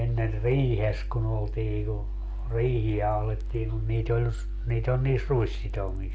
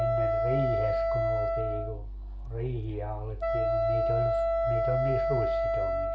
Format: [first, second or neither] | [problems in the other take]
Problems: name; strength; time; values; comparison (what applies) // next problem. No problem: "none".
first | background sound (Wind instrument, woodwind instrument); 4 dB above the speech // room echo; dies away in 0.5 s